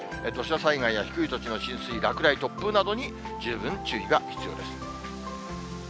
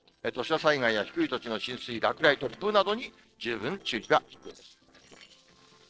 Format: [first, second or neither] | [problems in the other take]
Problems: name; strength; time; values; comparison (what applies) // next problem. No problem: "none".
first | noise reduction (neural separator model SepFormer DNS4)